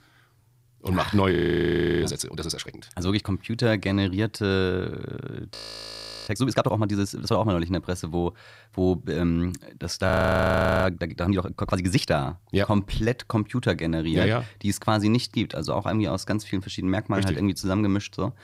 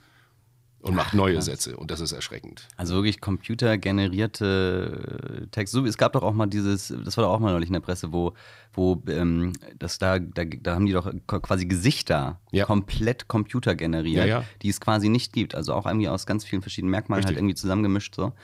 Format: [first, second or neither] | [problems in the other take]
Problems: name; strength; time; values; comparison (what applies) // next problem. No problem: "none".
second | audio freezing; at 1.5 s for 0.5 s, at 5.5 s for 0.5 s and at 10 s for 0.5 s